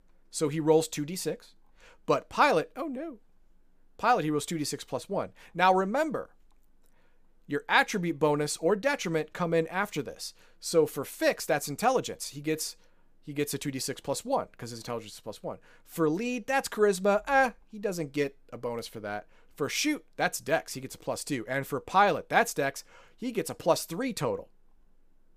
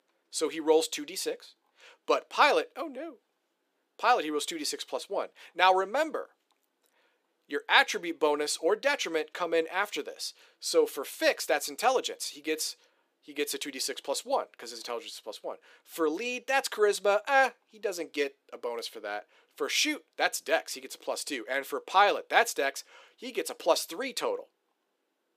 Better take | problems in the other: first | thin; somewhat; fading below 350 Hz

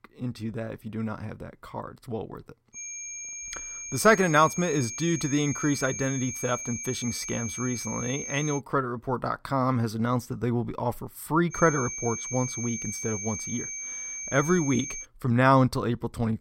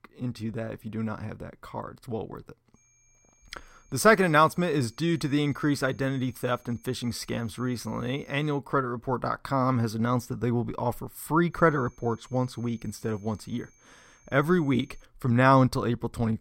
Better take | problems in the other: second | high-pitched whine; loud; from 3 to 8.5 s and from 12 to 15 s; 6.5 kHz, 6 dB below the speech; faint in the second

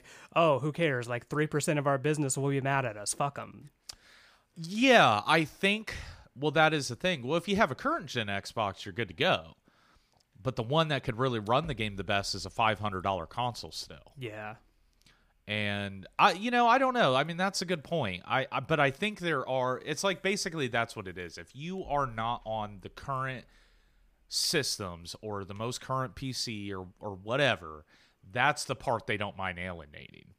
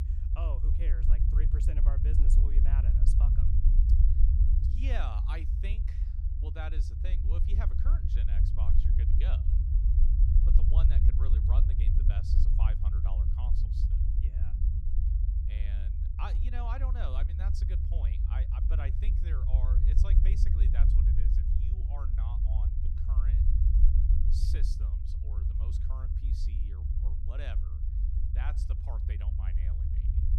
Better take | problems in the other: first | low rumble; loud; throughout; 1 dB below the speech

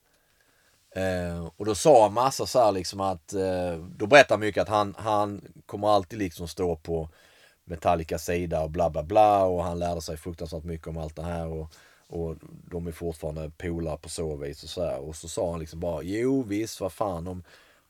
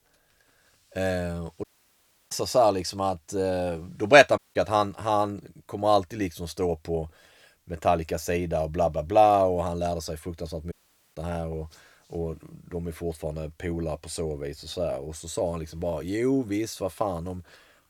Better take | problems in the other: first | audio cutting out; at 1.5 s for 0.5 s, at 4.5 s and at 11 s

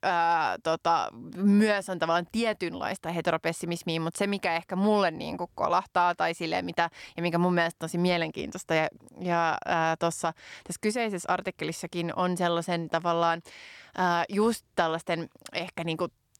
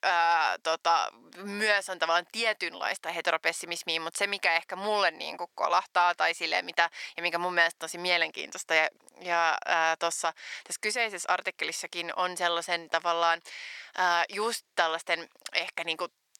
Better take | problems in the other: first | thin; very; fading below 600 Hz

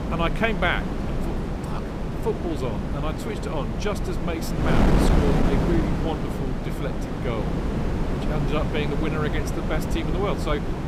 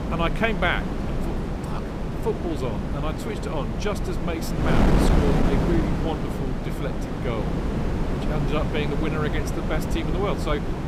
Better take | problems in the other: neither | wind noise on the microphone; heavy; 1 dB below the speech; the same in both

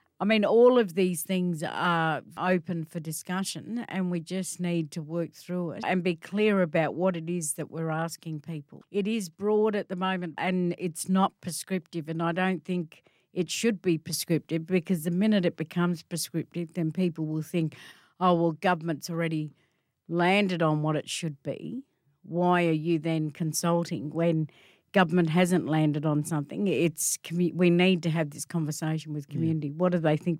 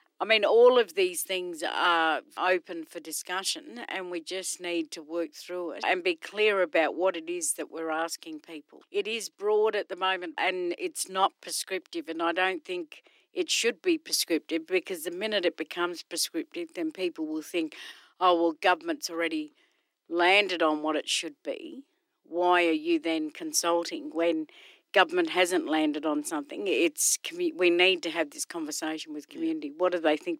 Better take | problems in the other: first | thin; very; fading below 300 Hz

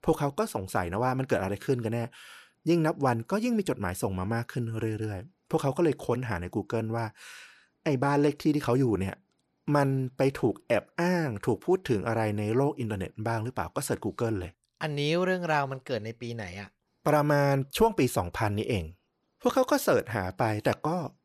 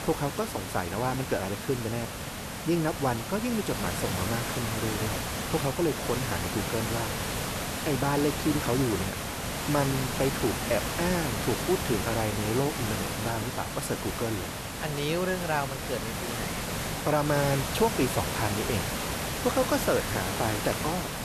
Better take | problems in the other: first | hiss; loud; throughout; 1 dB below the speech

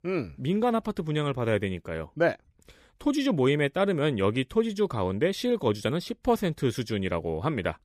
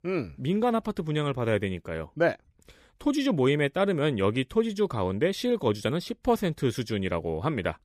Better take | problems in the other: neither | none

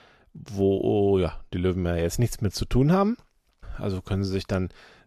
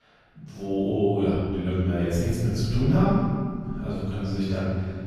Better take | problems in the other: first | room echo; strong; dies away in 1.9 s // off-mic speech; far

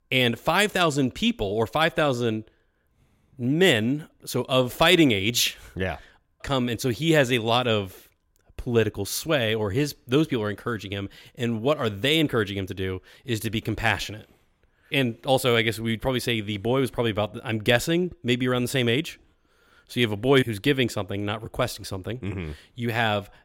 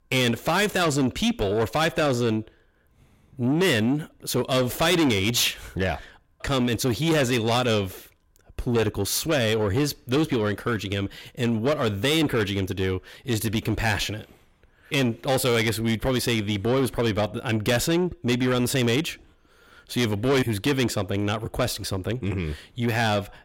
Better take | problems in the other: first | distortion; heavy; 8 dB below the speech

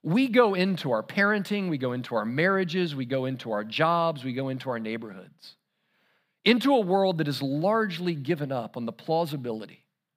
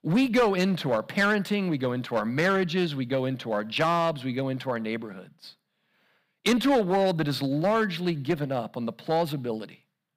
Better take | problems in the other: first | distortion; slight; 5% of the sound clipped

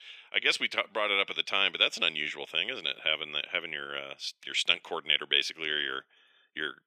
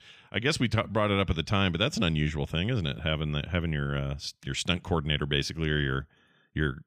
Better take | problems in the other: second | thin; very; fading below 400 Hz

